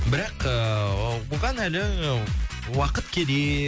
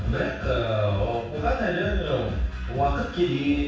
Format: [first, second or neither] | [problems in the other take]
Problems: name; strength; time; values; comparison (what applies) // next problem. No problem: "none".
first | room echo; dies away in 0.7 s